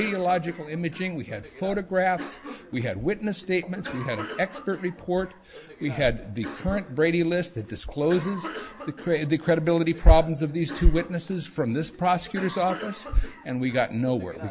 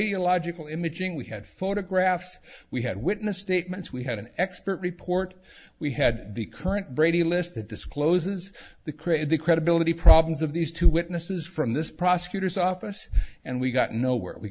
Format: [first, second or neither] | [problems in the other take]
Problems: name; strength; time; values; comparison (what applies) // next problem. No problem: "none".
second | background sound (Cough); 16 dB below the speech